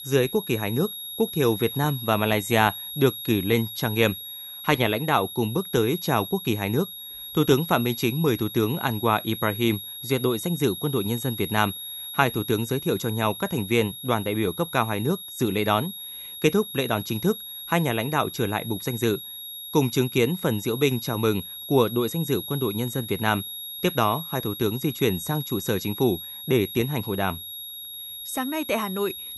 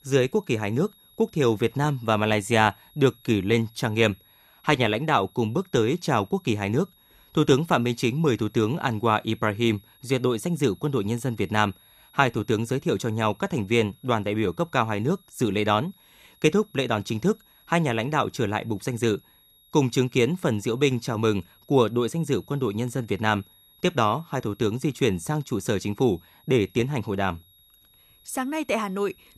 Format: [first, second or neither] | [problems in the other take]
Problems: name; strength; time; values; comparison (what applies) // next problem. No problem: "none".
second | high-pitched whine; loud; throughout; 4 kHz, 9 dB below the speech; faint in the second